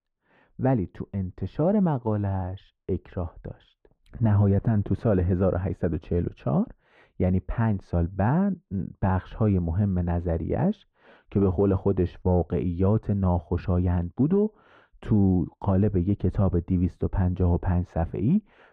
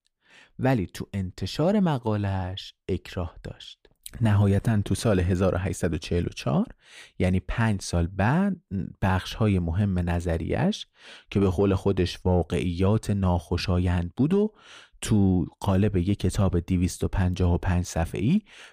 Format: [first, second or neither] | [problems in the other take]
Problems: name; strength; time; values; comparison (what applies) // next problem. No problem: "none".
second | muffled; very; fading above 3.5 kHz